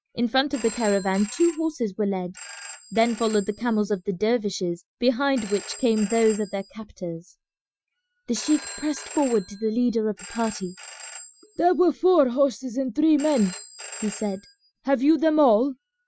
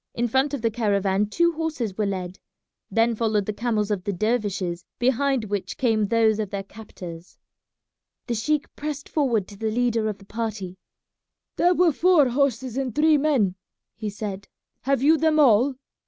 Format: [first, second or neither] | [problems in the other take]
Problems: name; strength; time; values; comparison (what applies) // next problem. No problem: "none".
second | noise reduction (classical method Wiener filter)